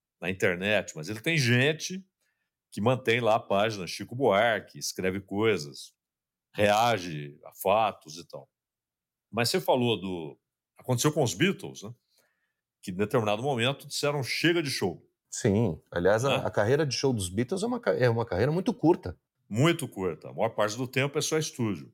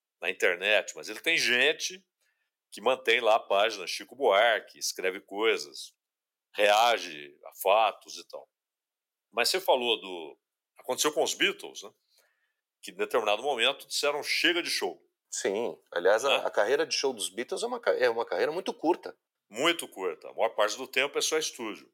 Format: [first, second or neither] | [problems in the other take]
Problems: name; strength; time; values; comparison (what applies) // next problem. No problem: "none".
first | thin; very; fading below 400 Hz